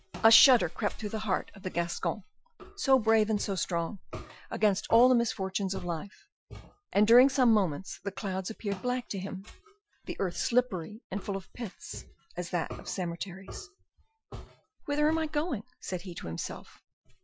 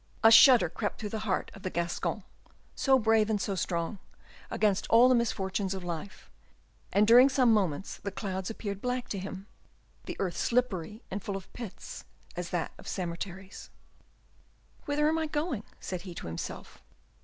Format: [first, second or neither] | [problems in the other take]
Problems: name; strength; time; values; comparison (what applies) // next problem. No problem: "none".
second | noise reduction (classical method Wiener filter)